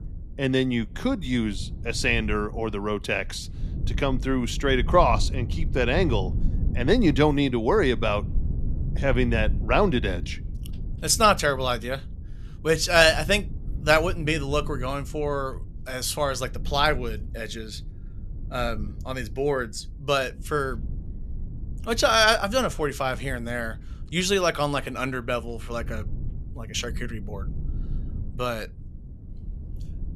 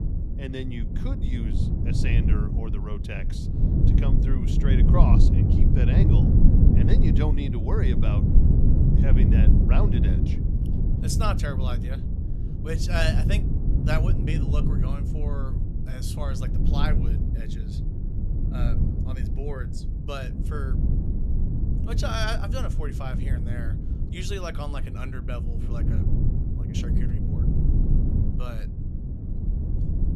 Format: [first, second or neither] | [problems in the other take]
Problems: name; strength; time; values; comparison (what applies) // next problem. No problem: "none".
first | low rumble; loud; throughout; 1 dB below the speech; faint in the first